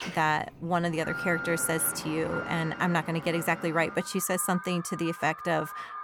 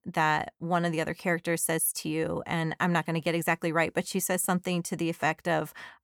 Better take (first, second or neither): second